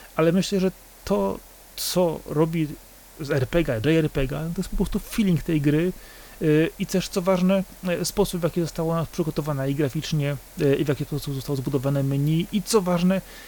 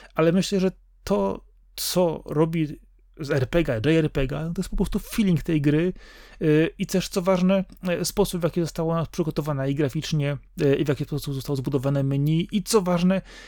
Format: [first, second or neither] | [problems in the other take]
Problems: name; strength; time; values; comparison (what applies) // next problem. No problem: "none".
second | hiss; faint; throughout; 20 dB below the speech